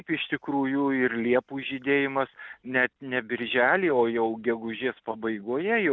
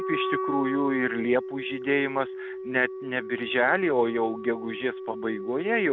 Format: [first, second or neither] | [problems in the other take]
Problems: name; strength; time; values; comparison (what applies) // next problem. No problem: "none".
first | background sound (Wind instrument, woodwind instrument); 7 dB below the speech